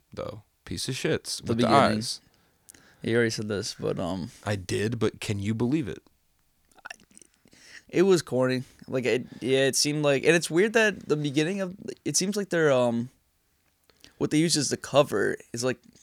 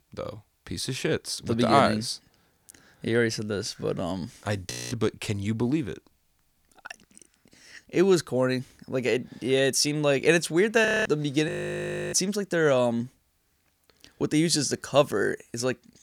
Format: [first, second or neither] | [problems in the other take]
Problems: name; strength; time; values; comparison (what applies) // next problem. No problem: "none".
first | audio freezing; at 4.5 s and at 11 s for 0.5 s